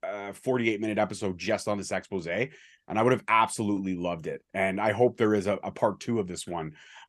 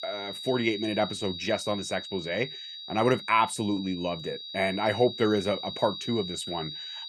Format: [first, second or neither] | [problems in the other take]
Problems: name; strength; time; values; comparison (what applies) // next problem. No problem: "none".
first | high-pitched whine; loud; throughout; 4 kHz, 8 dB below the speech